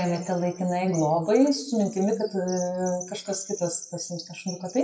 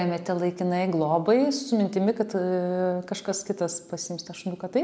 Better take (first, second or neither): second